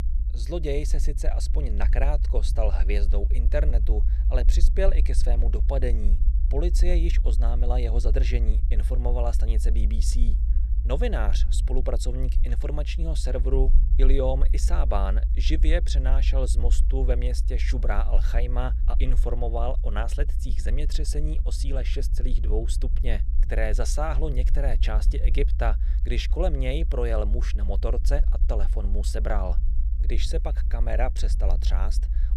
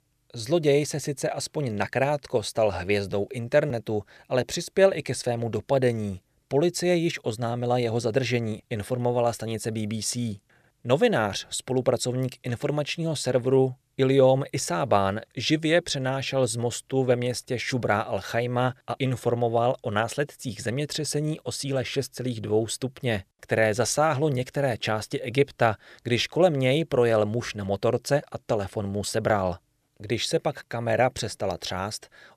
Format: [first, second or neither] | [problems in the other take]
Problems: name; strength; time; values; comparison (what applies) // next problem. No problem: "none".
second | low rumble; noticeable; throughout; 15 dB below the speech